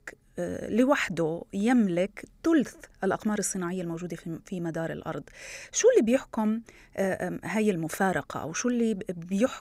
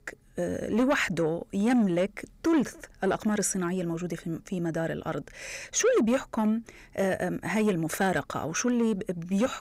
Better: first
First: none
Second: distortion; slight; 10 dB below the speech

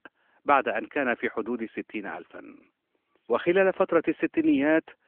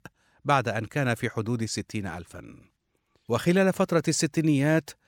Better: second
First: phone-call audio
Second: none

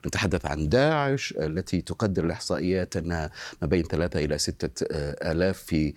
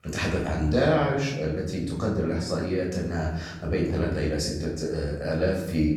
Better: first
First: none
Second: off-mic speech; far // room echo; noticeable; dies away in 0.9 s

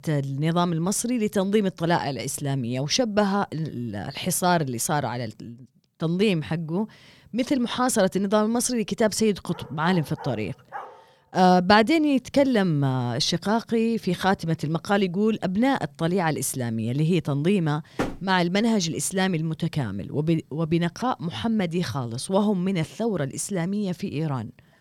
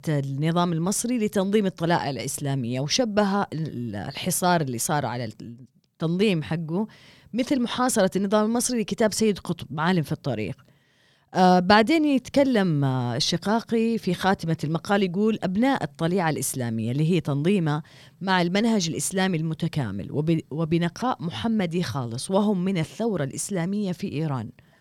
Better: second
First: dog barking; faint; from 9.5 to 11 s; peak 15 dB below the speech // door banging; noticeable; at 18 s; peak 7 dB below the speech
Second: none

